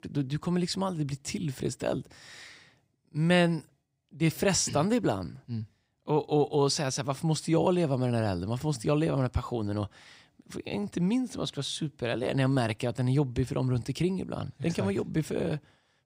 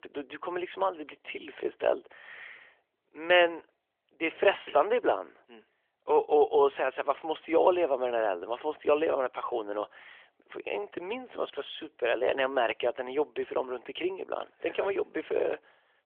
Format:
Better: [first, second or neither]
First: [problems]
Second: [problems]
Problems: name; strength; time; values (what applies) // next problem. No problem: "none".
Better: first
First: none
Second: phone-call audio